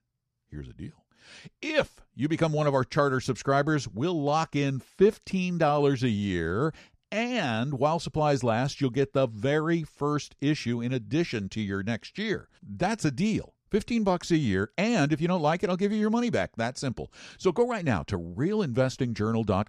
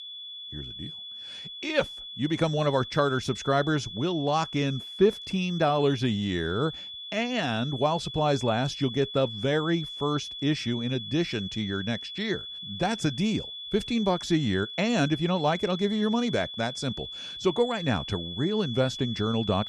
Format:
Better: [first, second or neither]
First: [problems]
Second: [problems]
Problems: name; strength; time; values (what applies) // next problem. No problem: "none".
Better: first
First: none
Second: high-pitched whine; loud; throughout; 3.5 kHz, 9 dB below the speech